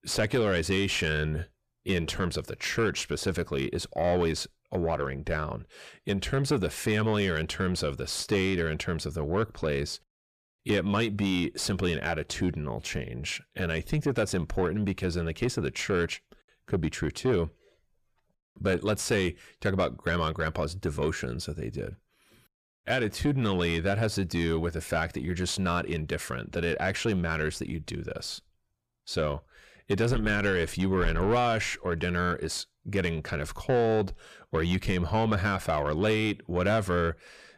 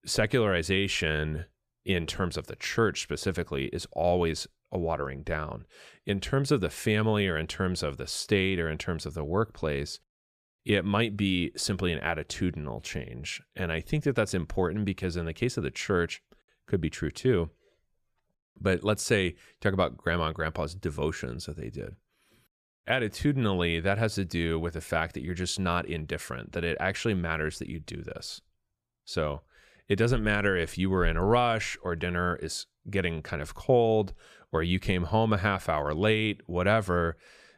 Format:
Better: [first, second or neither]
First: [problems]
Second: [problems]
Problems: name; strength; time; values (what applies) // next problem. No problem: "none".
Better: second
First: distortion; slight; 10 dB below the speech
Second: none